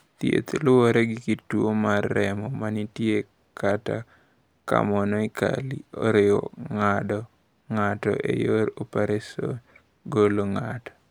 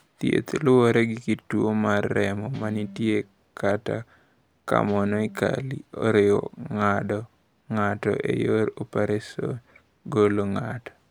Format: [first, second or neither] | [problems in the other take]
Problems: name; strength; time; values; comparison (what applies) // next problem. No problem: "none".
first | background sound (Guitar); 19 dB below the speech